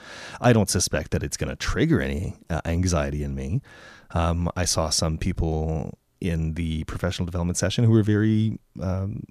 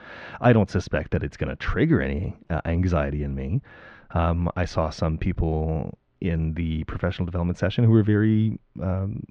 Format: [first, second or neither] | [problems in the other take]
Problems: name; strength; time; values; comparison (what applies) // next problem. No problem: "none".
first | muffled; very; fading above 3 kHz